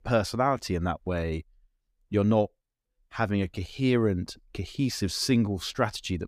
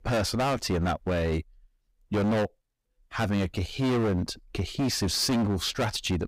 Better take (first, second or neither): first